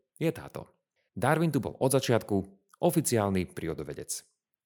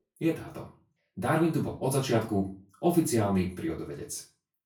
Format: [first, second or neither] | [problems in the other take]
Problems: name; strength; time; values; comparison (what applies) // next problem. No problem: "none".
first | off-mic speech; far // room echo; slight; dies away in 0.3 s